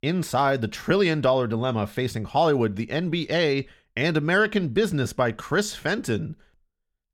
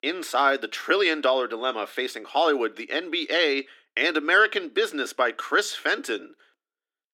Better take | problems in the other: first | thin; somewhat; fading below 300 Hz

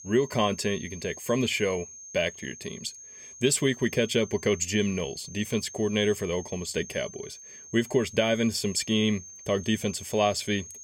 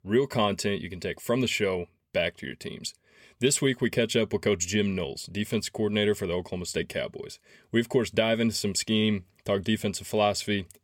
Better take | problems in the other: second | high-pitched whine; noticeable; throughout; 6.5 kHz, 15 dB below the speech

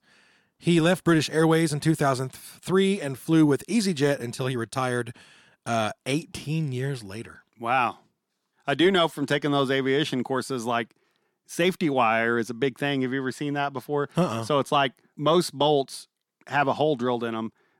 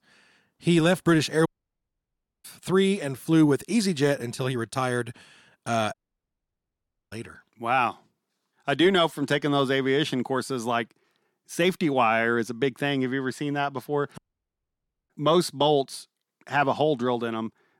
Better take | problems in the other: first | audio cutting out; at 1.5 s for 1 s, at 6 s for 1 s and at 14 s for 1 s

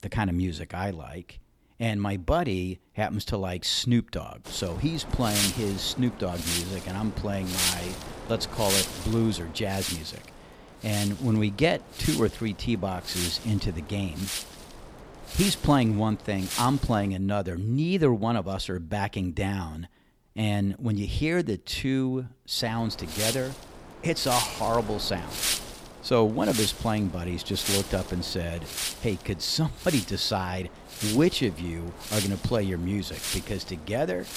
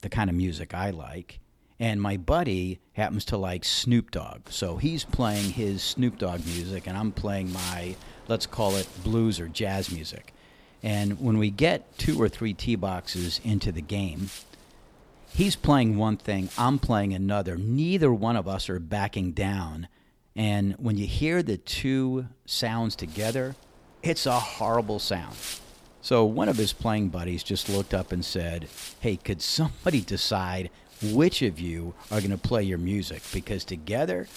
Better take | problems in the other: second | wind noise on the microphone; heavy; from 4.5 to 17 s and from 23 s on; 2 dB below the speech; occasional gusts in the second

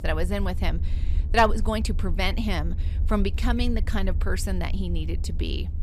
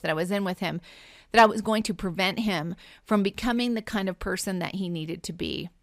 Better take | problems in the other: second | low rumble; noticeable; throughout; 20 dB below the speech

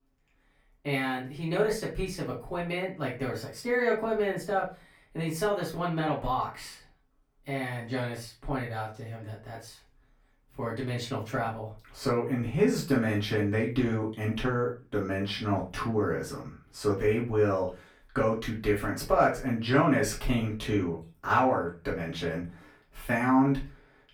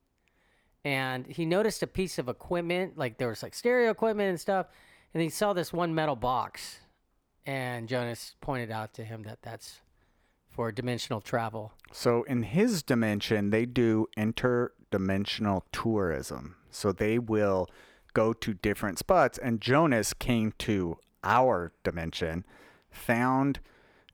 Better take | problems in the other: second | off-mic speech; far // room echo; slight; dies away in 0.3 s

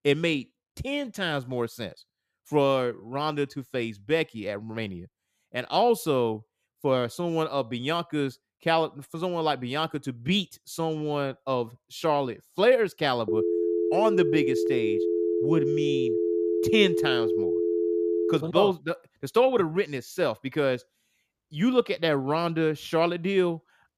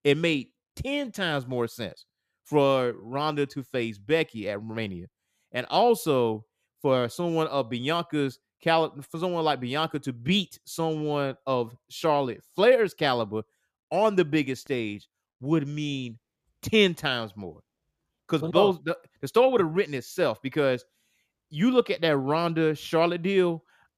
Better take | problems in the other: second | phone ringing; loud; from 13 to 18 s; peak 1 dB above the speech

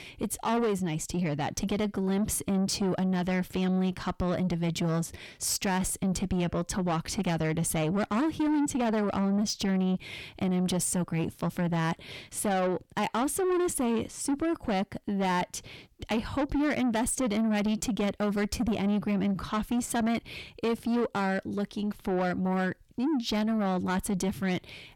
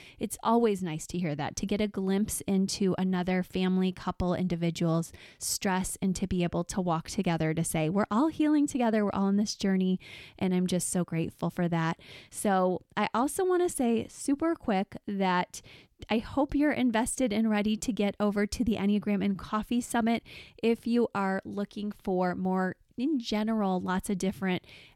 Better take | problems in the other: second | distortion; slight; 9 dB below the speech

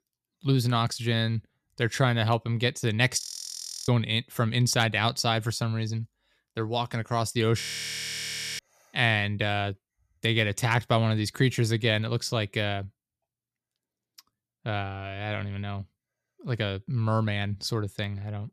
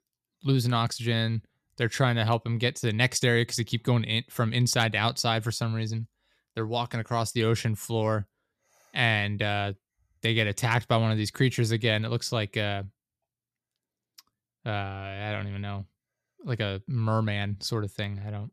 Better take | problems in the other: second | audio freezing; at 3 s for 0.5 s and at 7.5 s for 1 s

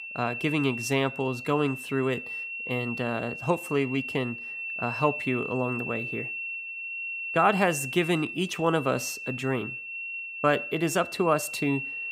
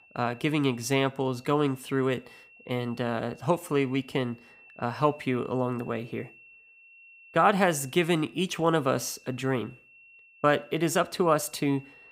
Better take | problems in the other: second | high-pitched whine; loud; throughout; 2.5 kHz, 6 dB below the speech; faint in the second

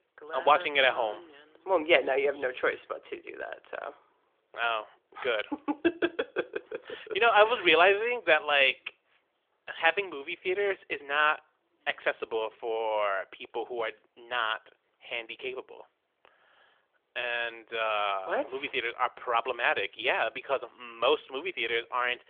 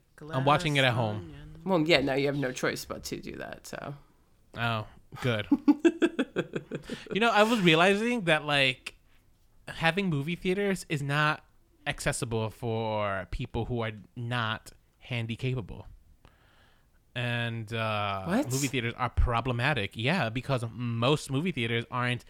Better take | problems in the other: second | phone-call audio; nothing above 3.5 kHz

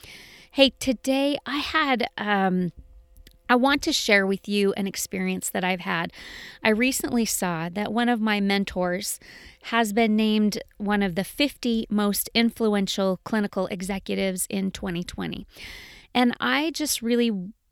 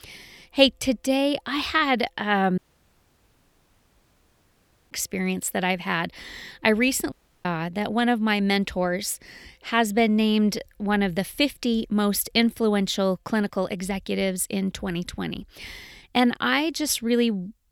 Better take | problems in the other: first | audio cutting out; at 2.5 s for 2.5 s and at 7 s

